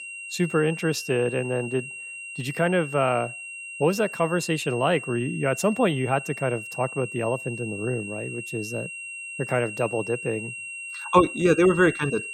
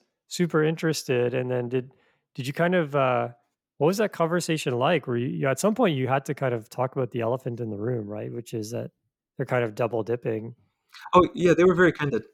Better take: second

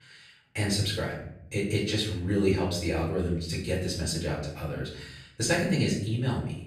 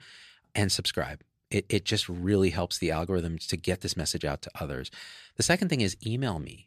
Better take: second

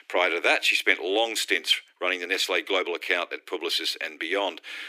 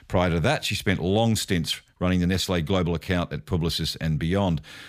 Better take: second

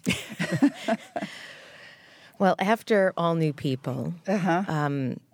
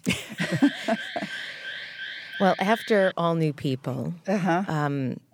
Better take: first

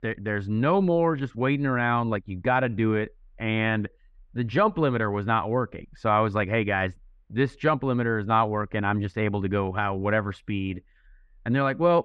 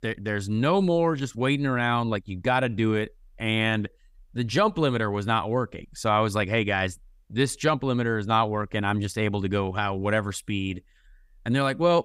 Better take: second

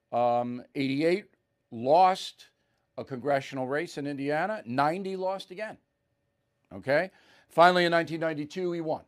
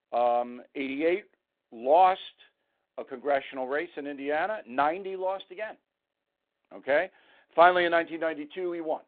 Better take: first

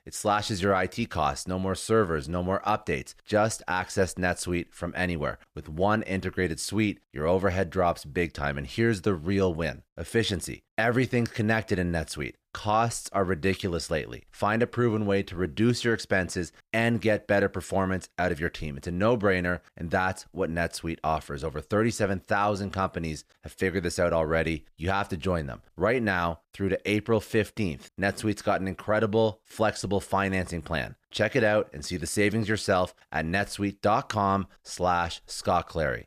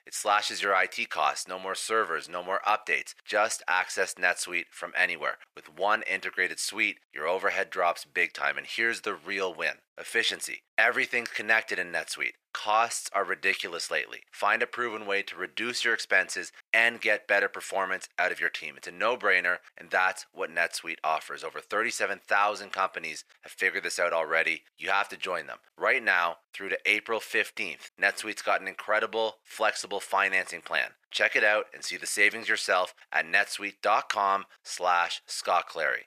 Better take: first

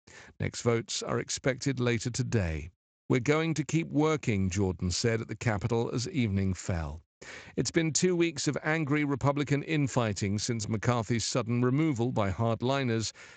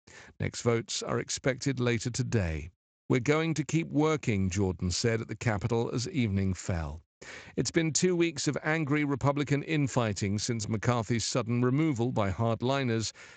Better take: neither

